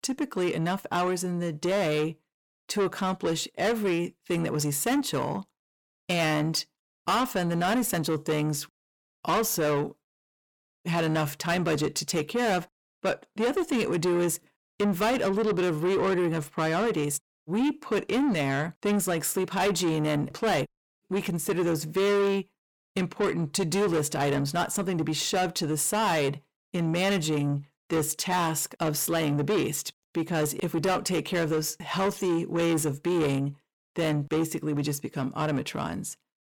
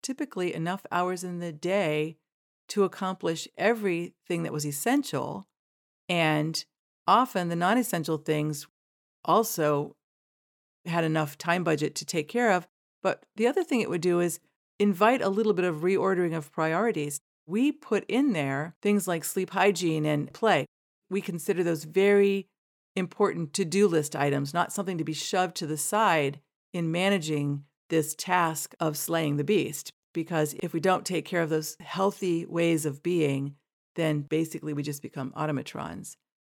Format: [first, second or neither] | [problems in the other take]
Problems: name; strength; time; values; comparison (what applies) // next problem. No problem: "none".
second | distortion; heavy; 7 dB below the speech